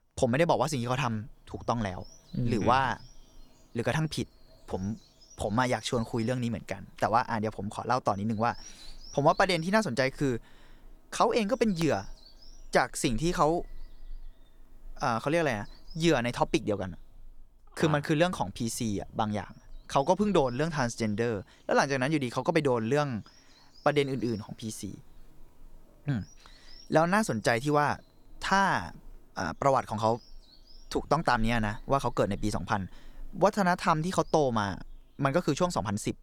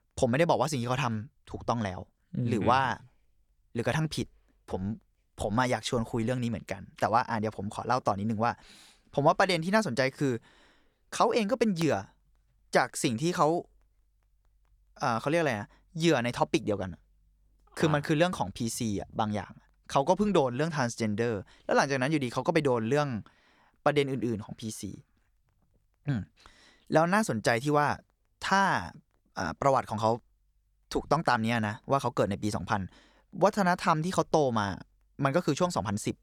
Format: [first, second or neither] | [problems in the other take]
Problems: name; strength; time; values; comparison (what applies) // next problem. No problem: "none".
second | animal sounds; faint; throughout; 25 dB below the speech